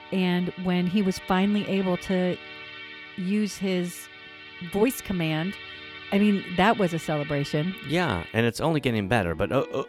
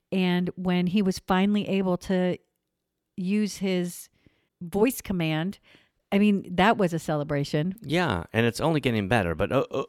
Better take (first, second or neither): second